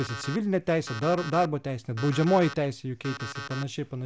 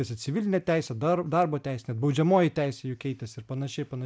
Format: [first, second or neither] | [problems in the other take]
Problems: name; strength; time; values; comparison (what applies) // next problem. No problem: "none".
second | background sound (Alarm); 13 dB below the speech